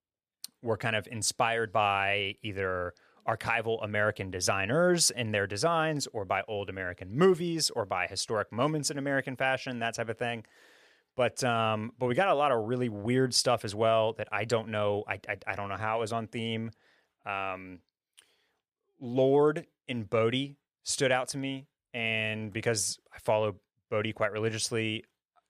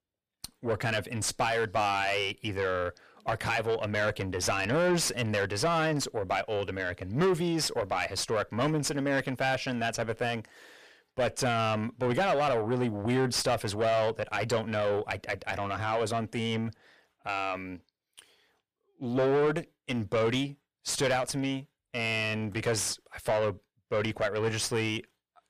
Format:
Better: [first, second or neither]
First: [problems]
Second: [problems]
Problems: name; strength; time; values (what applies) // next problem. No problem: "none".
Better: first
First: none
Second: distortion; heavy; 6 dB below the speech